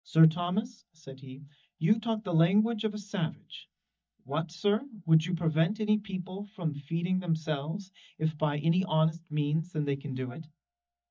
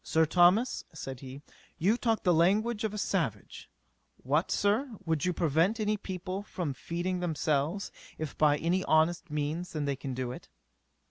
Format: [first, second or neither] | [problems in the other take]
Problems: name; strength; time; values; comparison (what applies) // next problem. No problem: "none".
second | noise reduction (neural mask model DeepFilterNet 3)